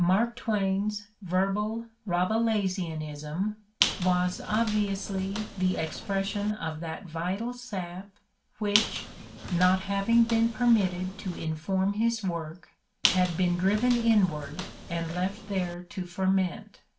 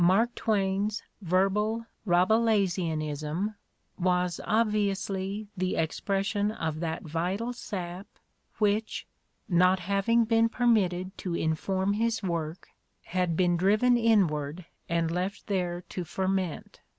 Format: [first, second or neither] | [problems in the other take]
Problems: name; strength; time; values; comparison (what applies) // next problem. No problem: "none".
second | background sound (Squeak); 8 dB below the speech // room echo; dies away in 0.3 s